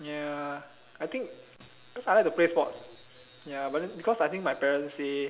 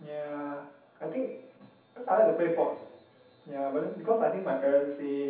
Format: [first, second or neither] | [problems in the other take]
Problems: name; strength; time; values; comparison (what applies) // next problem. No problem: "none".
first | room echo; dies away in 0.7 s